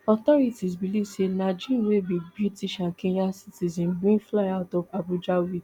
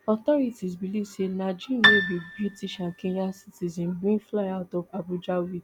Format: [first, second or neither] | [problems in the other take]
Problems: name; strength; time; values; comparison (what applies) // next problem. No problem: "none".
first | background sound (Piano); 3 dB above the speech